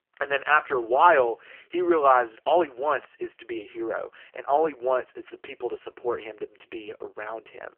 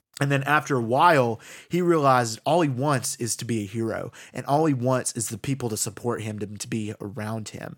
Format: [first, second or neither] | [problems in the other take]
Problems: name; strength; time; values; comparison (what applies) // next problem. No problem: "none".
second | phone-call audio; poor line; nothing above 3 kHz